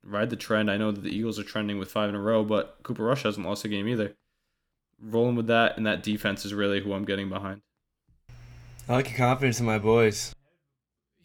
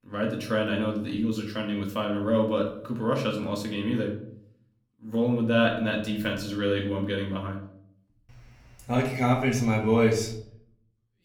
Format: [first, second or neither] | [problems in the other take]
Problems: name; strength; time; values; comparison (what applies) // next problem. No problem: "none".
first | room echo; slight; dies away in 0.5 s // off-mic speech; somewhat distant